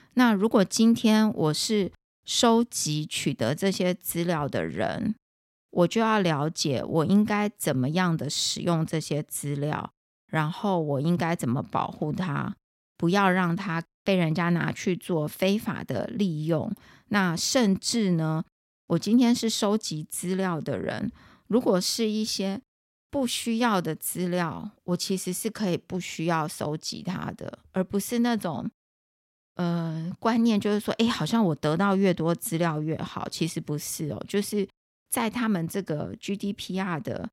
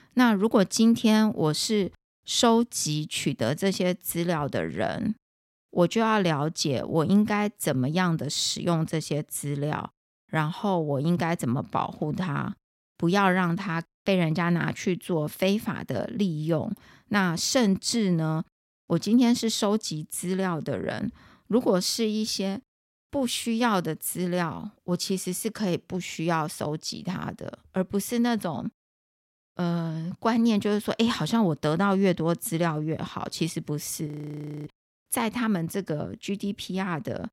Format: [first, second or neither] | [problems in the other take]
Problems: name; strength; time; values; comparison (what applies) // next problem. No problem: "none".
first | audio freezing; at 34 s for 0.5 s